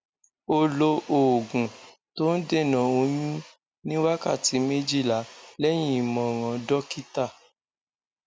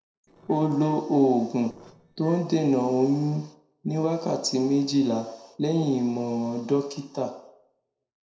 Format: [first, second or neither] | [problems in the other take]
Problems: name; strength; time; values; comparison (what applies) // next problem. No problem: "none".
first | noise reduction (neural separator model SepFormer DNS4)